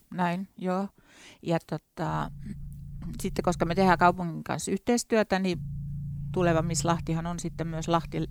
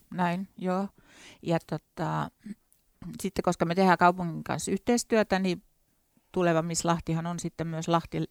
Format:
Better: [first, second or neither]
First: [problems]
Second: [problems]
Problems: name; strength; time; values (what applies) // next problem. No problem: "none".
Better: second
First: low rumble; faint; from 2 to 4 s and from 5.5 s on; 20 dB below the speech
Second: none